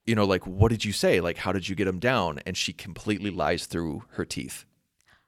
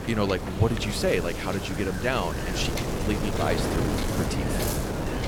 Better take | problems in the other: first | wind noise on the microphone; heavy; 2 dB below the speech

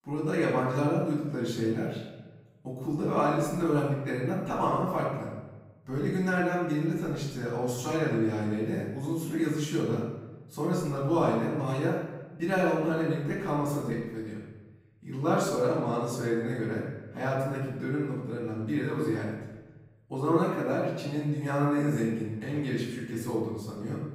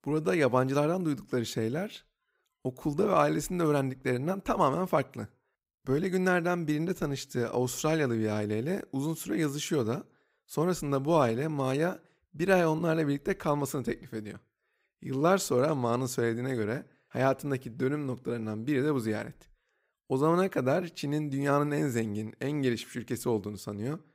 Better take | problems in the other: second | room echo; noticeable; dies away in 1 s // off-mic speech; far

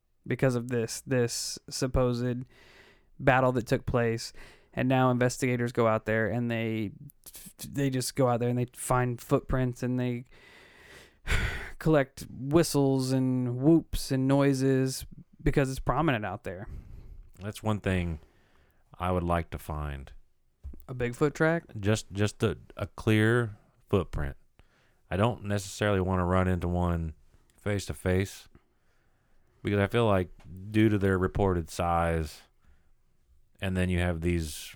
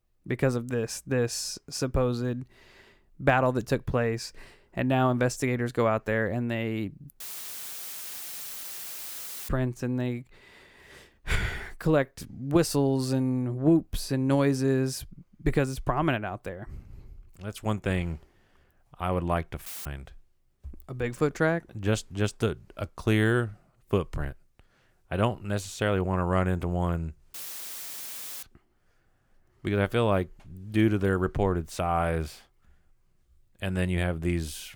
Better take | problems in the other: first | audio cutting out; filled with static; at 7 s for 2.5 s, at 20 s and at 27 s for 1 s

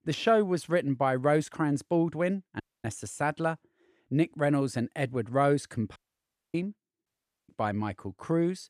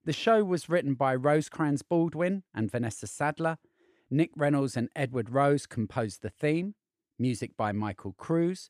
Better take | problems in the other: second | audio cutting out; at 2.5 s, at 6 s for 0.5 s and at 7 s

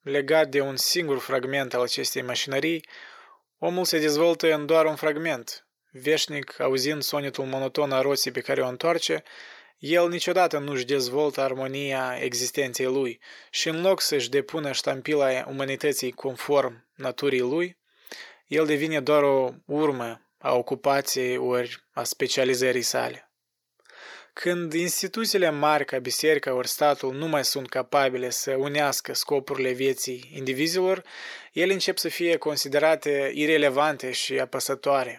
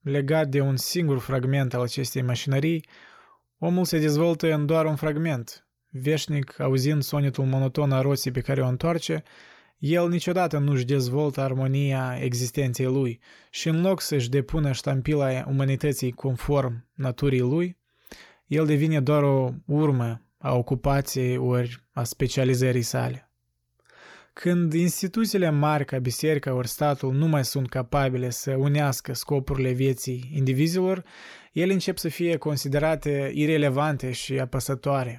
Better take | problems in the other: second | thin; somewhat; fading below 450 Hz

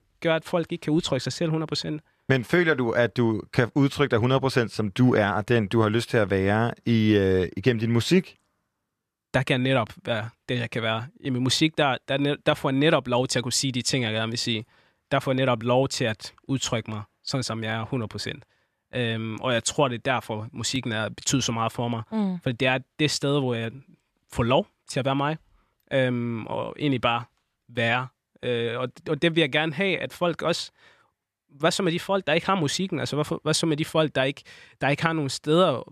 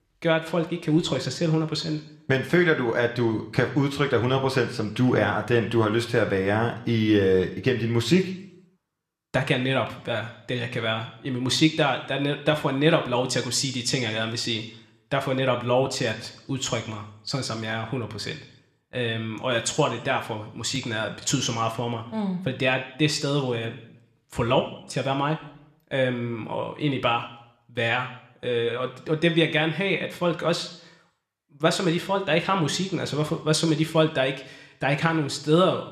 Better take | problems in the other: first | room echo; very slight; dies away in 0.7 s

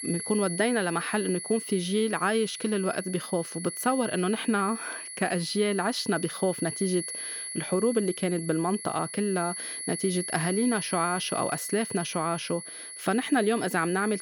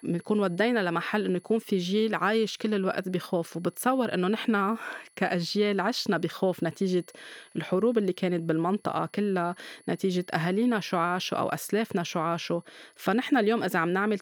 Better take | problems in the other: second | high-pitched whine; loud; throughout; 10.5 kHz, 7 dB below the speech; faint in the second

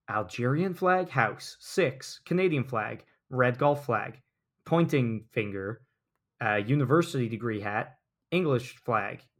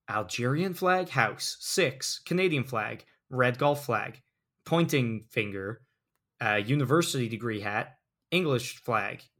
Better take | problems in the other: second | muffled; slightly; fading above 2.5 kHz

